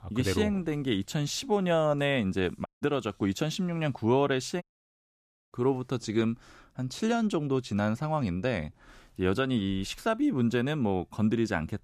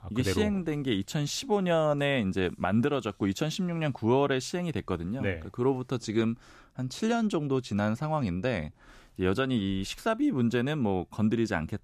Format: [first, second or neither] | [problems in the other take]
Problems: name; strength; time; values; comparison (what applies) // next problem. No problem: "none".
second | audio cutting out; at 2.5 s and at 4.5 s for 1 s